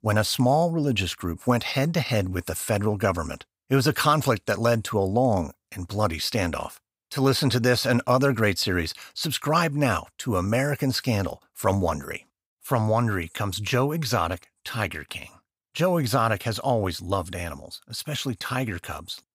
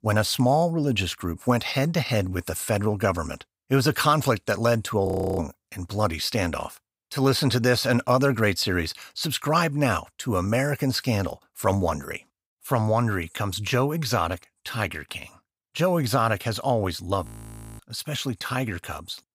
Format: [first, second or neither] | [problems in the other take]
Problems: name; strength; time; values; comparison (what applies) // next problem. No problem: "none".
first | audio freezing; at 5 s and at 17 s for 0.5 s